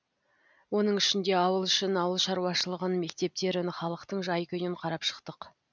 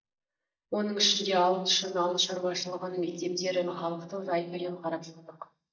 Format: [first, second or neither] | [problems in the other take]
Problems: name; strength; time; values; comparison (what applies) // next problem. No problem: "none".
first | noise reduction (neural mask model DeepFilterNet 3)